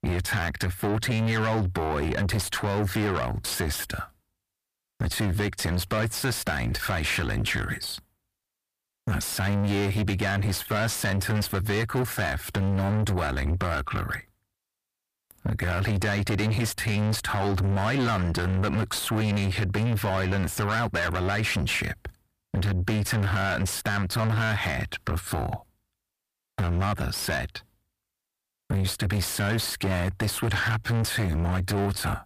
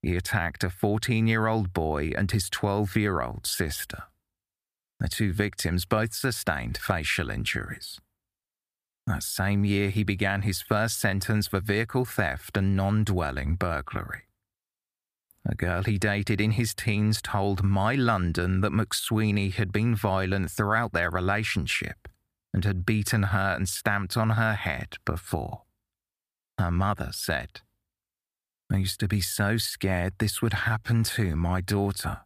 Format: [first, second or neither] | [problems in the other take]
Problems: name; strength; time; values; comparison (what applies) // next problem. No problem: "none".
second | distortion; heavy; 6 dB below the speech